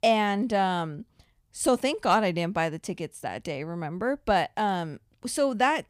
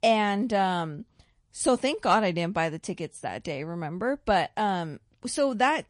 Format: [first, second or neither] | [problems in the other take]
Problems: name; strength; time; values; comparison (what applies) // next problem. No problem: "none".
first | garbled, watery; slightly; nothing above 10.5 kHz